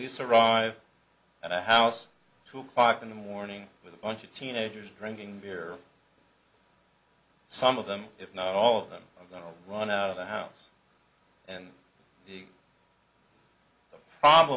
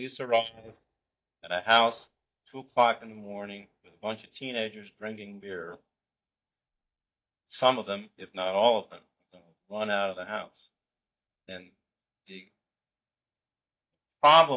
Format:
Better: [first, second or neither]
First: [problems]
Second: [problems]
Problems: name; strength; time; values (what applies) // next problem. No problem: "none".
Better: first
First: none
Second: noise reduction (neural mask model DeepFilterNet 3)